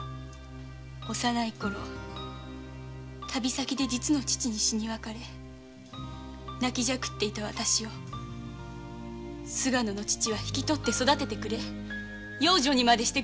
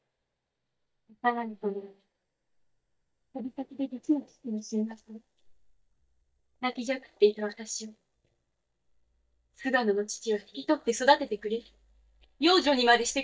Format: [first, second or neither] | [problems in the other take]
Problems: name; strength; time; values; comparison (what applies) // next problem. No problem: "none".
first | noise reduction (neural mask model DeepFilterNet 3)